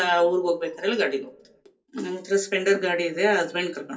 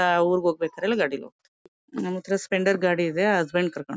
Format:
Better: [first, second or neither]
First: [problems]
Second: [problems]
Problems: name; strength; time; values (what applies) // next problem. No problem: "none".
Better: second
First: room echo; dies away in 0.3 s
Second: none